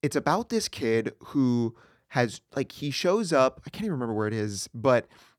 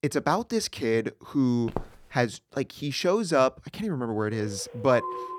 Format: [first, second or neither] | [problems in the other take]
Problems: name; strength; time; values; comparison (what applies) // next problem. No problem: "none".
first | footsteps; faint; at 1.5 s; peak 10 dB below the speech // phone ringing; noticeable; from 4.5 s on; peak 7 dB below the speech